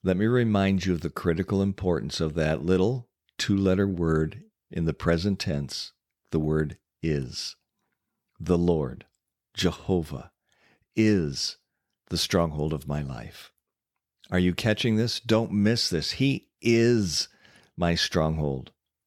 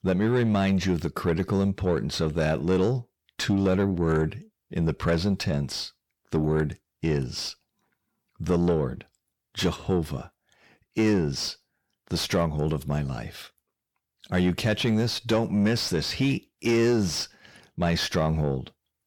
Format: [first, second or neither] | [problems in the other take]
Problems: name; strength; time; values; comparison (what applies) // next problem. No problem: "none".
first | distortion; slight; 10 dB below the speech